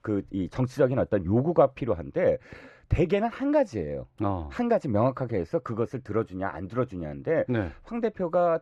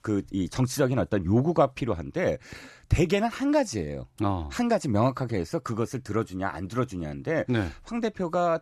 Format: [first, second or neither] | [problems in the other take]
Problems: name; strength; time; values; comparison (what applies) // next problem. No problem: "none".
second | muffled; very; fading above 4 kHz